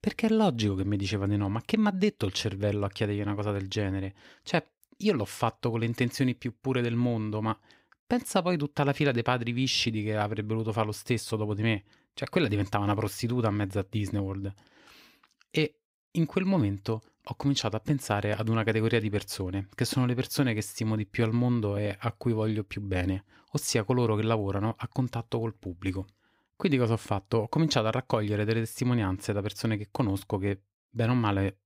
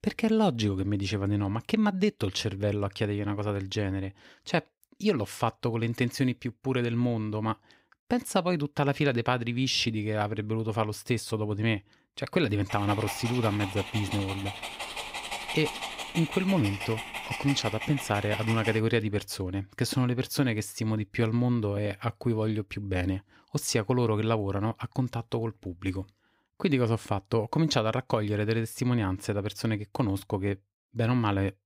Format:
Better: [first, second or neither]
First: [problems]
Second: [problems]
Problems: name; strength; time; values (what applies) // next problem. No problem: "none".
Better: first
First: none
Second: dog barking; noticeable; from 13 to 19 s; peak 5 dB below the speech